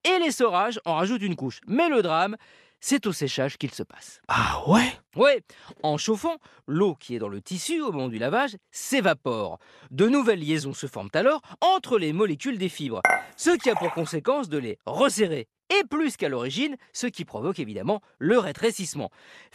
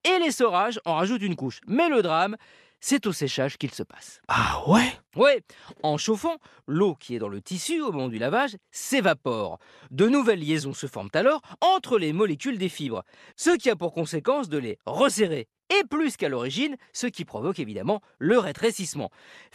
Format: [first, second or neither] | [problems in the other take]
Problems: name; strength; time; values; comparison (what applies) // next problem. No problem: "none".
second | clattering dishes; loud; at 13 s; peak 3 dB above the speech